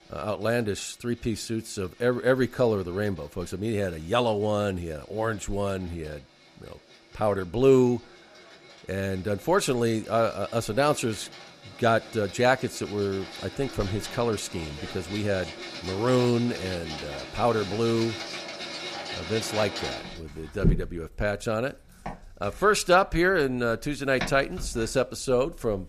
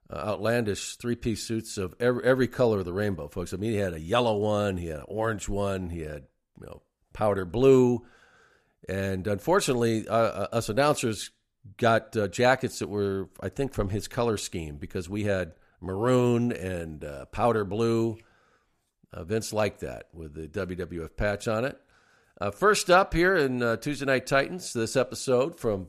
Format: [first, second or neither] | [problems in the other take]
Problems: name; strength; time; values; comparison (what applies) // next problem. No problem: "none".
second | household noises; loud; throughout; 10 dB below the speech